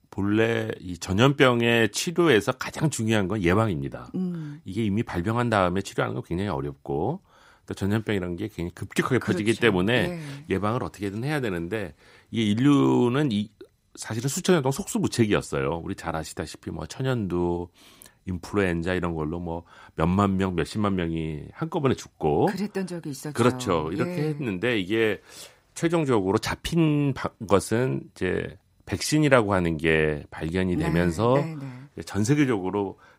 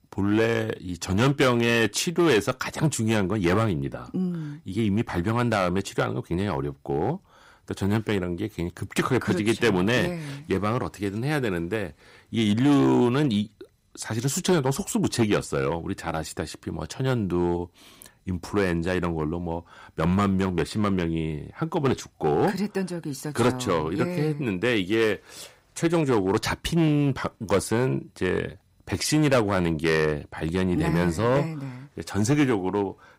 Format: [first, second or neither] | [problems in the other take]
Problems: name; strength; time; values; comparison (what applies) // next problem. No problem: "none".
first | distortion; slight; 4% of the sound clipped